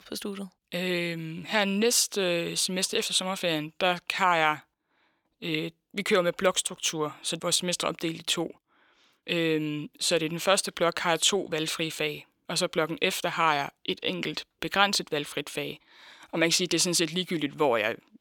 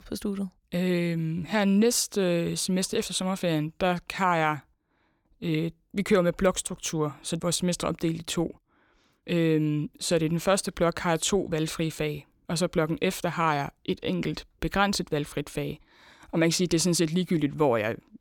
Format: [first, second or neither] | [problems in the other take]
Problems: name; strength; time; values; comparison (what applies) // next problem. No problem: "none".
second | thin; very slightly; fading below 950 Hz